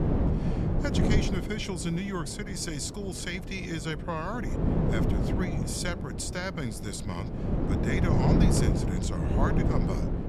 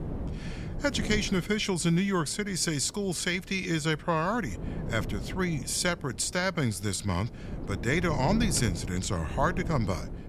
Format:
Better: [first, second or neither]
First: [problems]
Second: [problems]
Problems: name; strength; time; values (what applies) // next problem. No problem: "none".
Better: second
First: wind noise on the microphone; heavy; 1 dB below the speech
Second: wind noise on the microphone; occasional gusts; 15 dB below the speech